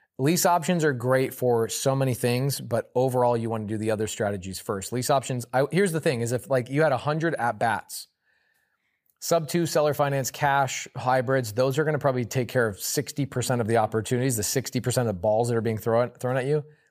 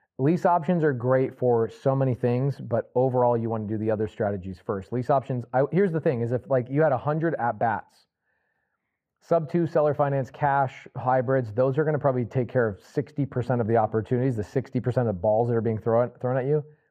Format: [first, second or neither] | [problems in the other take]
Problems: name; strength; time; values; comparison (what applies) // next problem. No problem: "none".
first | muffled; very; fading above 3.5 kHz